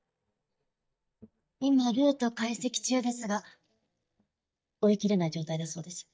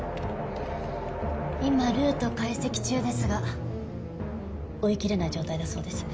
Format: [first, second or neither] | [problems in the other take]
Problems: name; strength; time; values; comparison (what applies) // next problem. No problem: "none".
second | noise reduction (neural mask model DeepFilterNet 3)